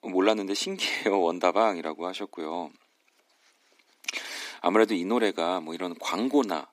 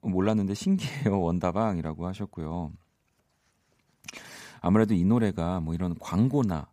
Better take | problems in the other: second | thin; somewhat; fading below 300 Hz

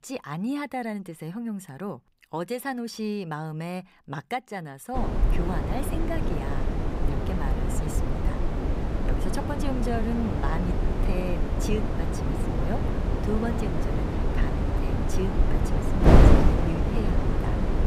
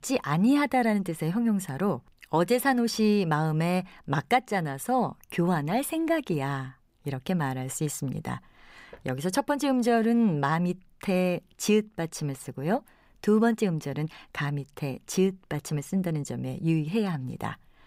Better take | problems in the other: second | wind noise on the microphone; heavy; from 5 s on; 3 dB above the speech

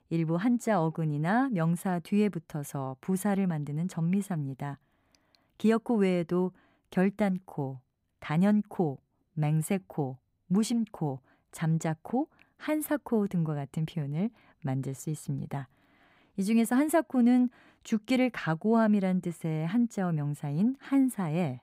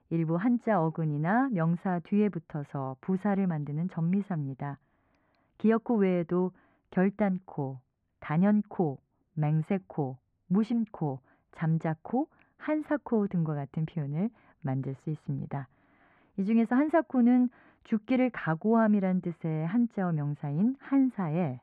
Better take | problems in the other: first | muffled; very; fading above 1.5 kHz

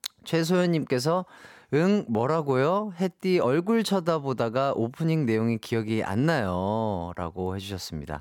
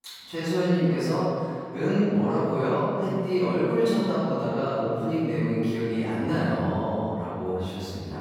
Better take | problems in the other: first | off-mic speech; far // room echo; strong; dies away in 2 s

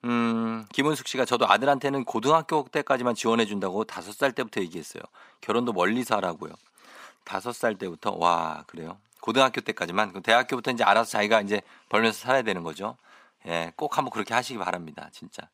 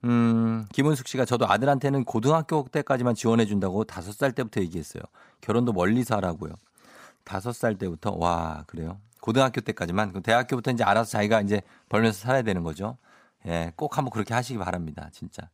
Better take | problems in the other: second | thin; very slightly; fading below 250 Hz

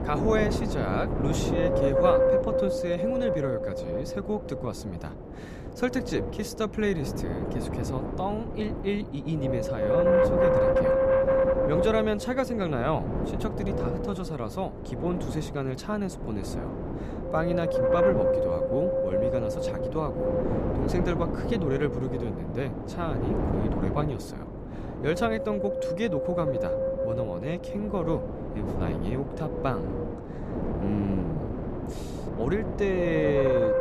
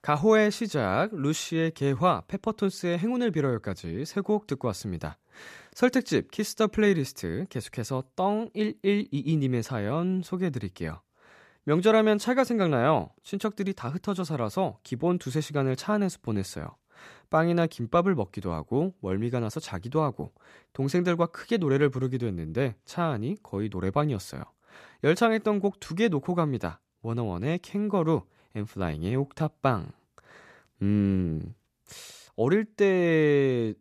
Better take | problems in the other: second | wind noise on the microphone; heavy; 4 dB above the speech

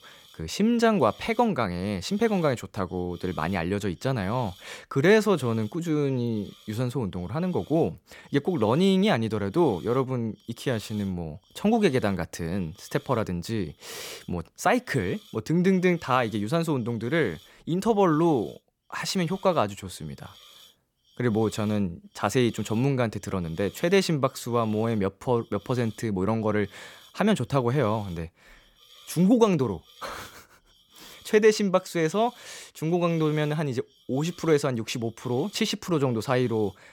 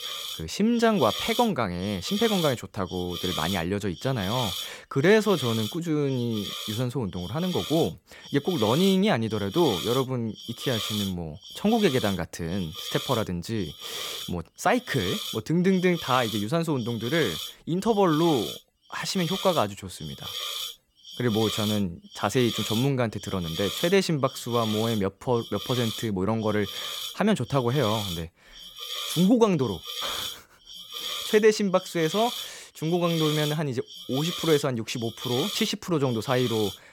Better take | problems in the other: first | hiss; loud; throughout; 7 dB below the speech; faint in the first

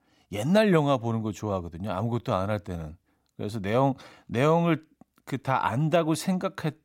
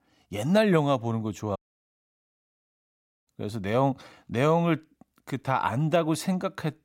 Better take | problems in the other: first | audio cutting out; at 1.5 s for 1.5 s

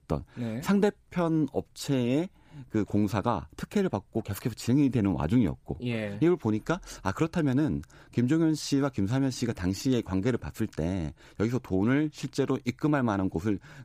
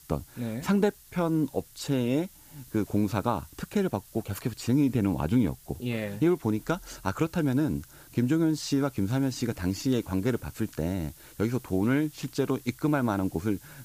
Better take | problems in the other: first | hiss; faint; throughout; 20 dB below the speech

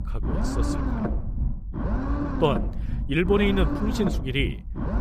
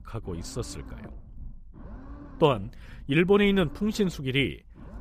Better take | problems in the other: second | low rumble; loud; throughout; 7 dB below the speech; faint in the second

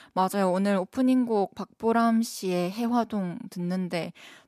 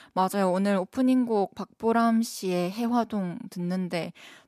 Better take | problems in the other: neither | none

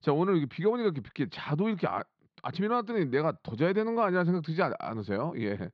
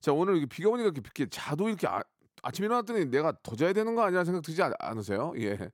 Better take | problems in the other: second | muffled; very slightly; fading above 4.5 kHz

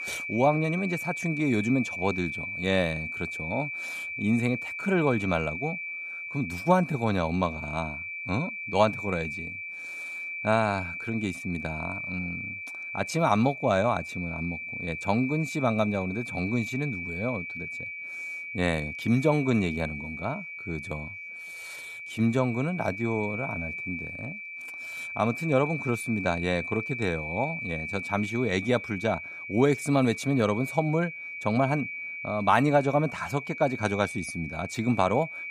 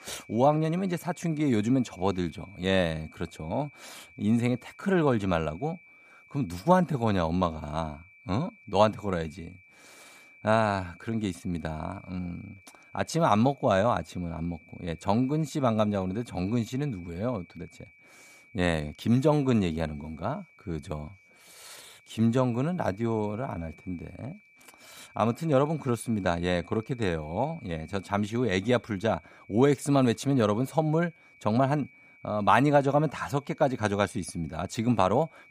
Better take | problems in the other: second | high-pitched whine; loud; throughout; 2.5 kHz, 6 dB below the speech; faint in the second

